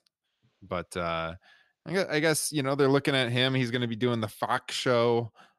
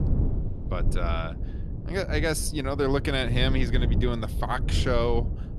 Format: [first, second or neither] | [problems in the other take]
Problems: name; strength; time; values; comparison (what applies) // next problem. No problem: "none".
first | wind noise on the microphone; occasional gusts; 15 dB below the speech